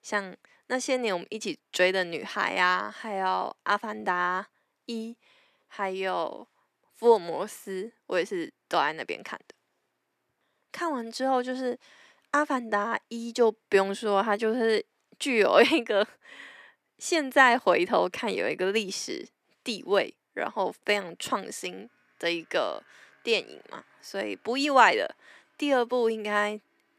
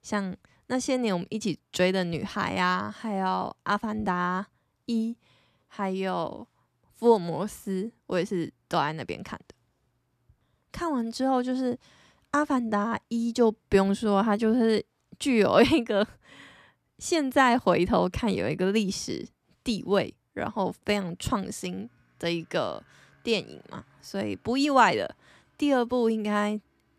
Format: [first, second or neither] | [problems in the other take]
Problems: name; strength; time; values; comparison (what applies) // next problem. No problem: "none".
second | thin; somewhat; fading below 400 Hz